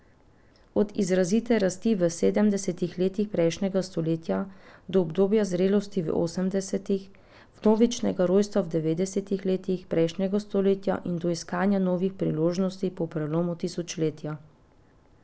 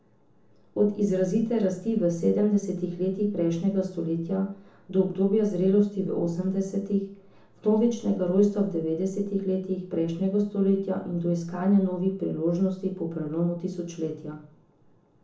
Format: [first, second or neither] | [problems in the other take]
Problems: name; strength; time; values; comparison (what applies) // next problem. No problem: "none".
first | room echo; dies away in 0.7 s